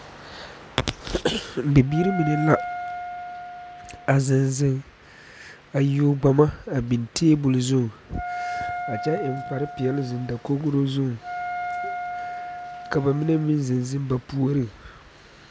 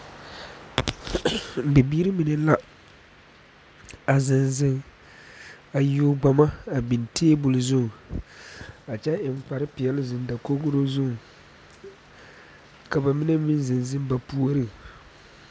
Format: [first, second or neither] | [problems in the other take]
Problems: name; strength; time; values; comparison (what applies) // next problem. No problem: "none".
second | background sound (Wind instrument, woodwind instrument); 9 dB below the speech